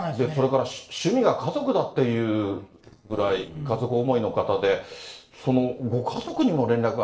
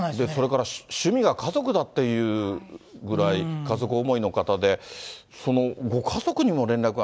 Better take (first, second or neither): second